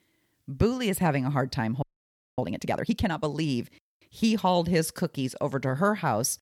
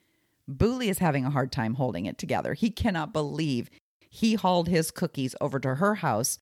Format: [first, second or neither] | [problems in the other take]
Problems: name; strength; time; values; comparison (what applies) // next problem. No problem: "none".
second | audio freezing; at 2 s for 0.5 s